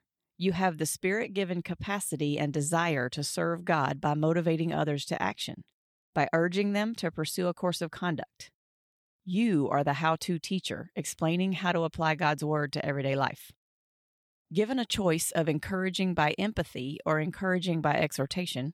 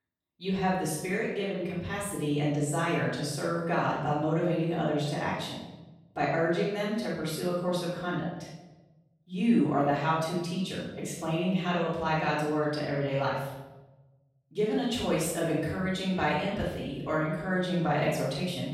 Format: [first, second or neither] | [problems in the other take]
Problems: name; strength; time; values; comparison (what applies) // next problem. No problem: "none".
first | room echo; noticeable; dies away in 0.9 s // off-mic speech; far